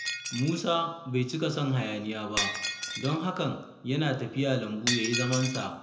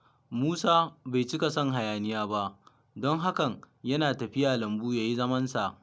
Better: second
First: background sound (Shatter); 7 dB below the speech // room echo; dies away in 0.8 s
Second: none

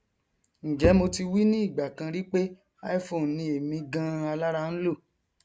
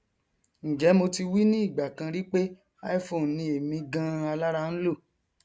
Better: second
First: background sound (Bowed string instrument); 5 dB below the speech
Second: none

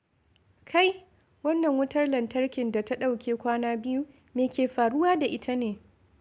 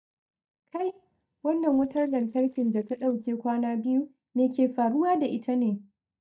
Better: first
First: none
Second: noise reduction (neural mask model DeepFilterNet 3)

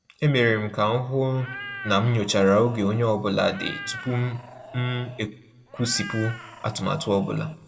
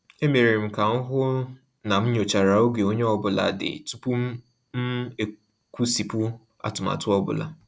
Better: second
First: background sound (Meow); 15 dB below the speech // room echo; dies away in 1.9 s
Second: none

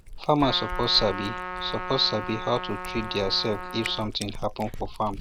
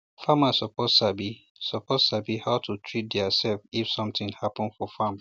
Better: second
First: background sound (Trumpet + Cat); 7 dB below the speech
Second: none

